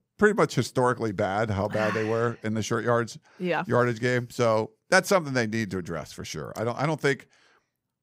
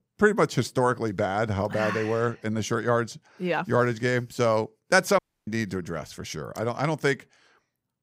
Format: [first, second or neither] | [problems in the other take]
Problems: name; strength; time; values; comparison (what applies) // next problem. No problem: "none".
first | audio cutting out; at 5 s